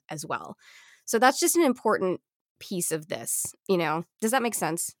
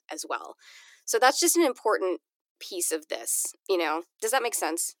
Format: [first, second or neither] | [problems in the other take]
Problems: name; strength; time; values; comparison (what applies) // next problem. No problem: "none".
first | thin; somewhat; fading below 300 Hz